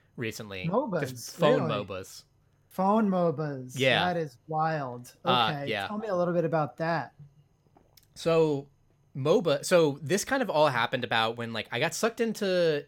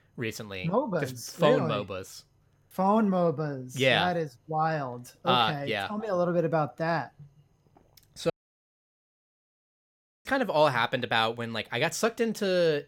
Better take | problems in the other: first | audio cutting out; at 8.5 s for 2 s

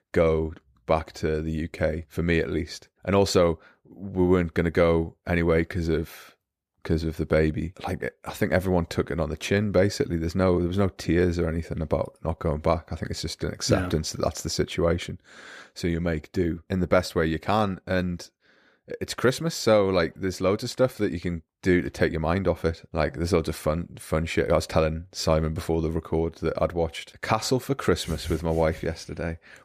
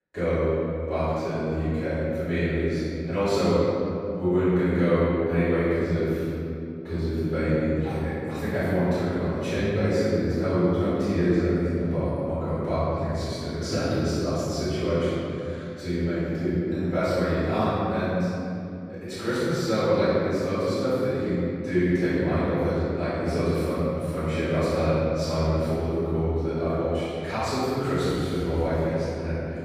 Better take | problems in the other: first | room echo; strong; dies away in 2.8 s // off-mic speech; far

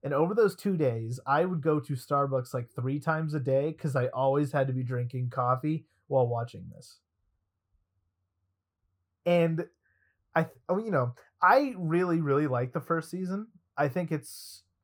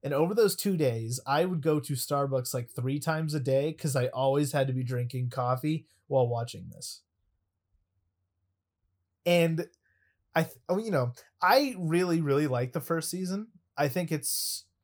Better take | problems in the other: second | muffled; slightly; fading above 3 kHz

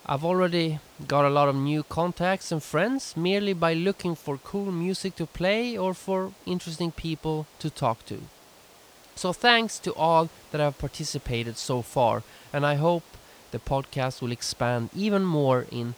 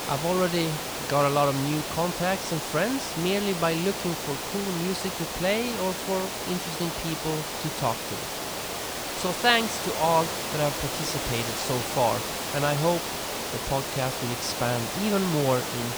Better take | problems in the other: first | hiss; loud; throughout; 3 dB below the speech; faint in the first

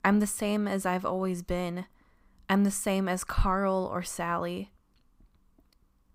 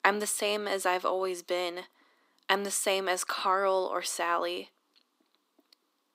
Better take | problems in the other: first | thin; very; fading below 300 Hz

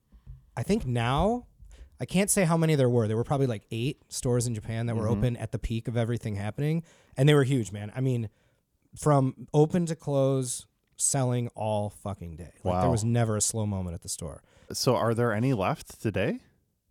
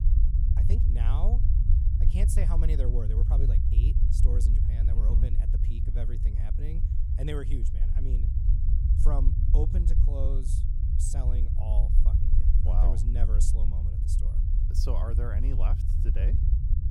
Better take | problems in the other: first | low rumble; loud; throughout; 2 dB below the speech

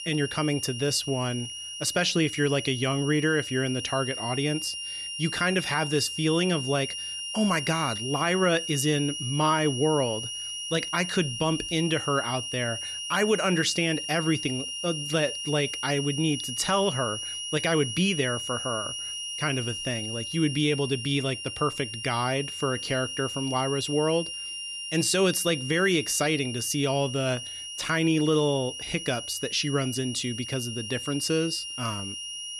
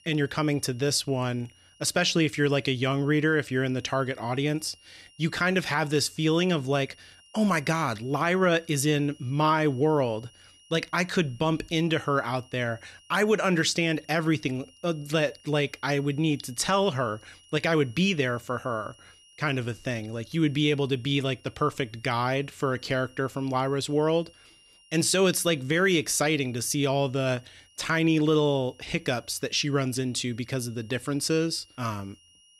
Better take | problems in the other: second | high-pitched whine; loud; throughout; 3 kHz, 6 dB below the speech; faint in the second

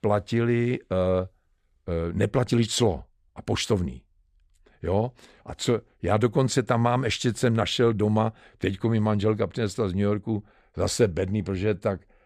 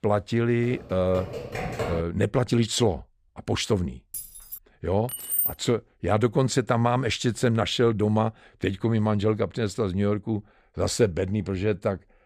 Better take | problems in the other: first | keyboard typing; noticeable; from 0.5 to 2 s; peak 5 dB below the speech // jangling keys; faint; at 4 s; peak 10 dB below the speech // jangling keys; loud; at 5 s; peak 2 dB above the speech

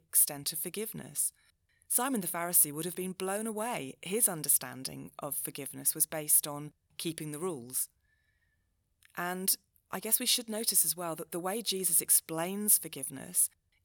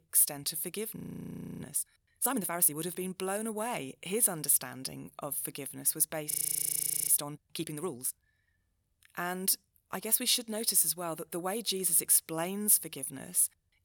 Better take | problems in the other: first | audio freezing; at 1 s for 0.5 s and at 6.5 s for 1 s

